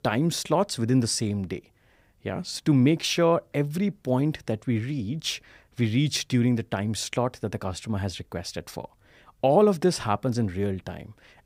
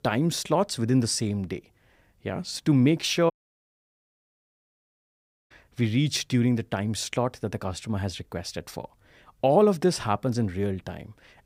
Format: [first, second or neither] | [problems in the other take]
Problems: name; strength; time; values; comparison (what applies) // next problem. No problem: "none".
first | audio cutting out; at 3.5 s for 2 s